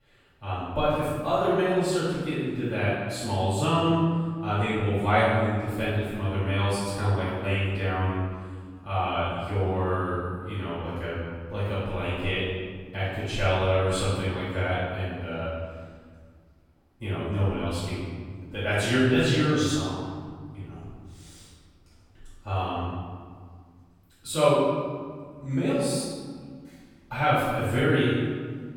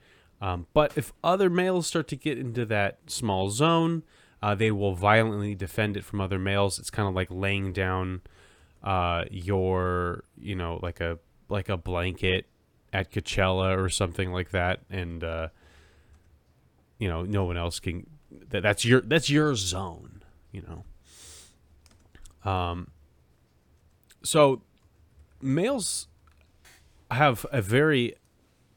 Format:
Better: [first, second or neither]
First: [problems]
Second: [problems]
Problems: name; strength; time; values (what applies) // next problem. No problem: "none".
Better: second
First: room echo; strong; dies away in 1.6 s // off-mic speech; far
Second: none